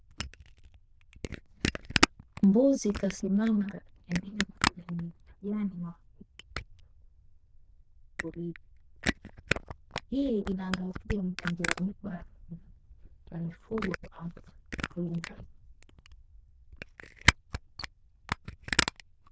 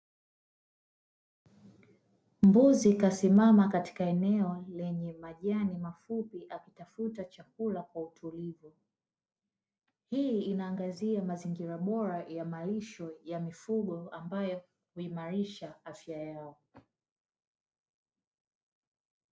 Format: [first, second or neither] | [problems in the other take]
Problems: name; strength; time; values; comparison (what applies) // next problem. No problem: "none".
second | noise reduction (neural diffusion model UNIVERSE++)